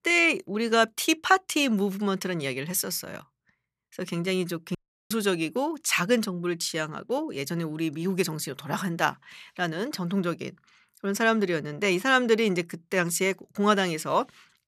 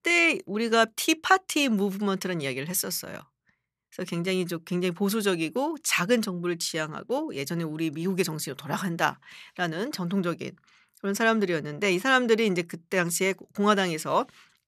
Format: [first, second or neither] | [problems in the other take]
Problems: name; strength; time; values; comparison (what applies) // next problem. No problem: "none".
second | audio cutting out; at 5 s